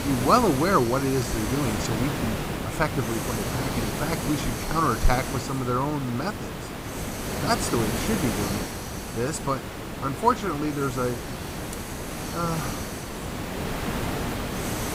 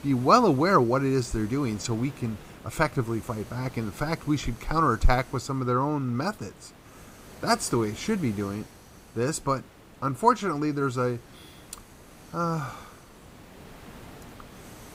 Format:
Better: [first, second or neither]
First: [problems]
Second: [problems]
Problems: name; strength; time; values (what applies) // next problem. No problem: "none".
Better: second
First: hiss; loud; throughout; 4 dB below the speech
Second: hiss; faint; throughout; 20 dB below the speech